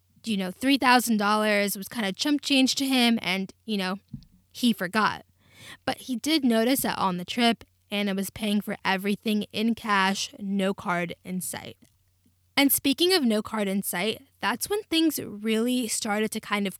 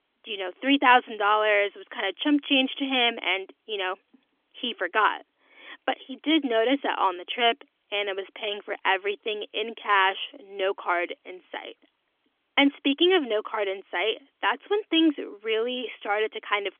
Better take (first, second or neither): first